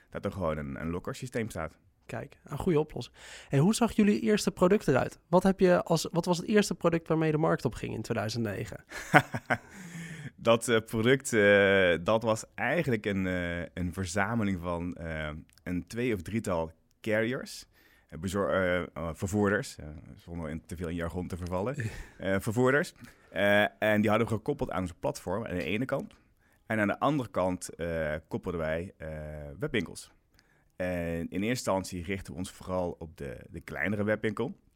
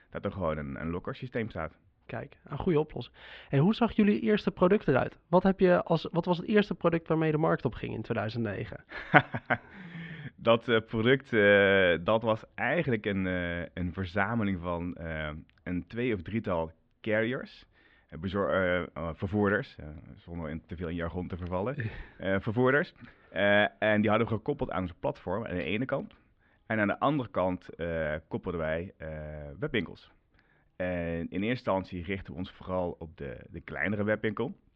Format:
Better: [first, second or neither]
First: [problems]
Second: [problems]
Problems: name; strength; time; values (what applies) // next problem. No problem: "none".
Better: first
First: none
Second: muffled; very; fading above 3.5 kHz